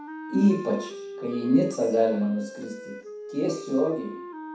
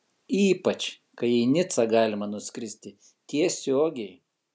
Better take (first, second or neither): second